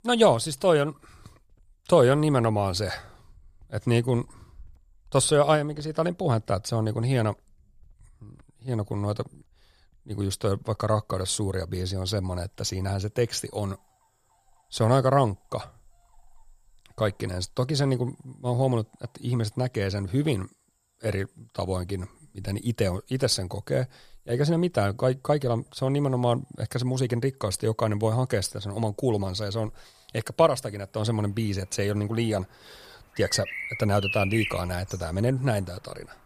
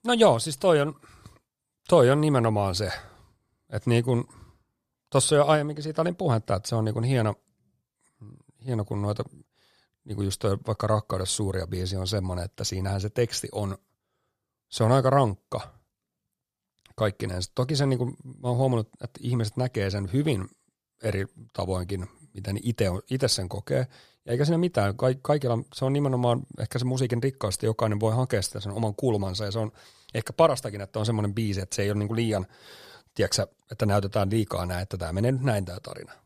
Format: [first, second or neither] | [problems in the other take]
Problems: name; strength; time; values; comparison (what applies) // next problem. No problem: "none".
second | animal sounds; loud; throughout; 8 dB below the speech